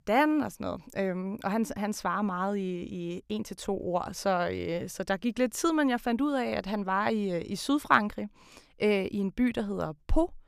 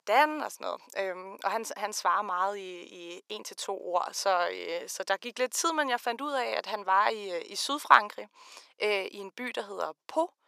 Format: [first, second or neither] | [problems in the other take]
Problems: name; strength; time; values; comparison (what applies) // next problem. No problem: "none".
first | thin; very; fading below 450 Hz